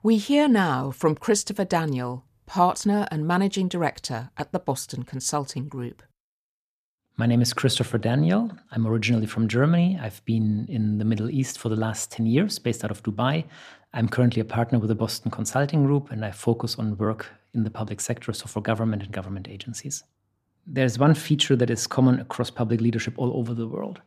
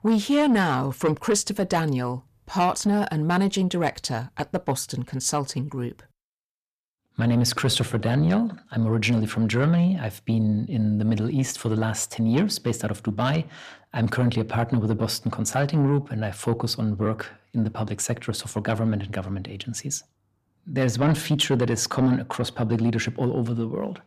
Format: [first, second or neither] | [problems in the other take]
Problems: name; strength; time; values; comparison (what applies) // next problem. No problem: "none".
first | distortion; slight; 10 dB below the speech